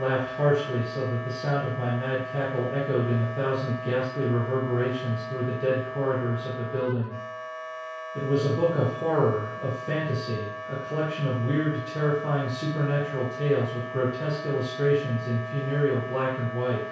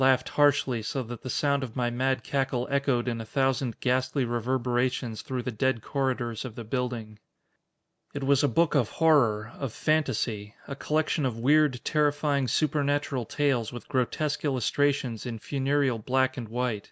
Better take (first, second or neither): second